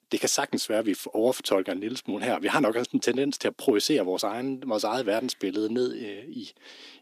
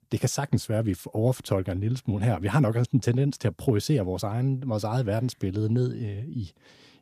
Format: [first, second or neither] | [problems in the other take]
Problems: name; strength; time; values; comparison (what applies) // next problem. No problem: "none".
second | thin; somewhat; fading below 300 Hz